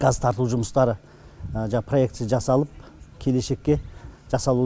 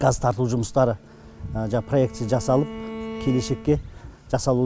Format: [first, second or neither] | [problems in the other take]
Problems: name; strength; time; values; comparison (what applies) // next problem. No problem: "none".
first | background sound (Bowed string instrument); 15 dB below the speech